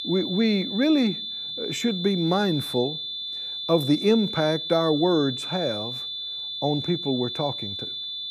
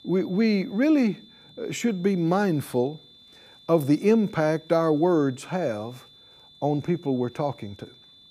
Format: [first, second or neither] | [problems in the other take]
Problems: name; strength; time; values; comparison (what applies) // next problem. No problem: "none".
second | high-pitched whine; loud; throughout; 3.5 kHz, 5 dB below the speech; faint in the second